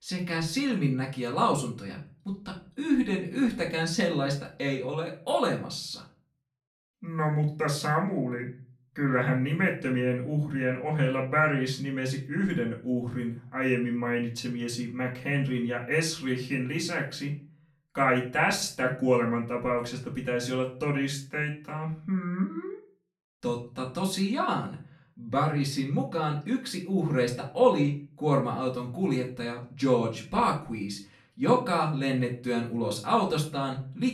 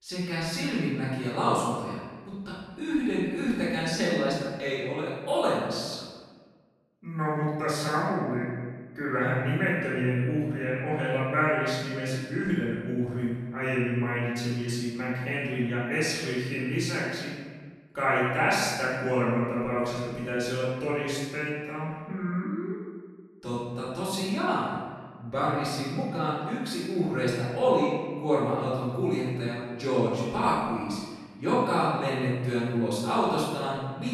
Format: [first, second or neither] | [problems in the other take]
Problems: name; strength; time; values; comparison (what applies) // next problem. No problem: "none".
first | room echo; strong; dies away in 1.3 s; slight in the first // off-mic speech; far; far in the first